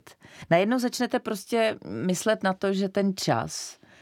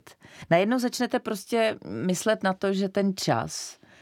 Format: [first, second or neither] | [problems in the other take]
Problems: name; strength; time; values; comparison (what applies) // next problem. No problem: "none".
neither | none